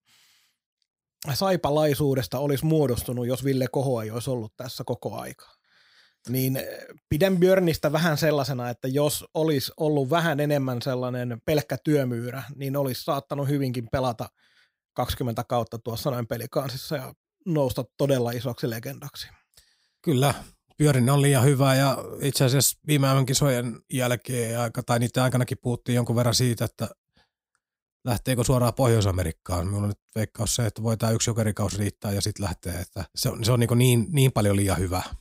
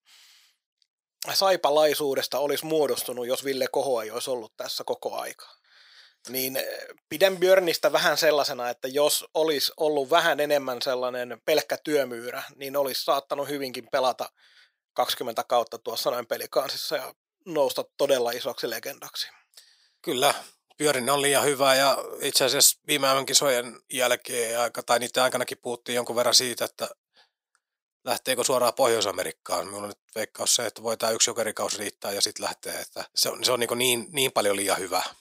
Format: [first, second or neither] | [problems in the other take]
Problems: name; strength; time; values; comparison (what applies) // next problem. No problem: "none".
first | thin; very; fading below 550 Hz